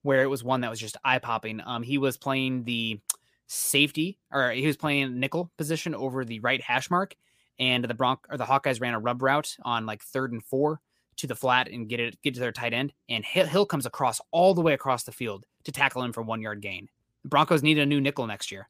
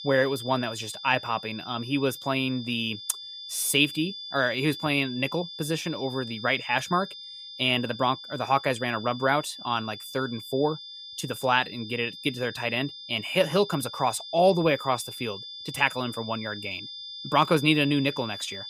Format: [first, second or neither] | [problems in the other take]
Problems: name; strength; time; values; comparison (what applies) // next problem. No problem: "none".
first | high-pitched whine; noticeable; throughout; 3.5 kHz, 10 dB below the speech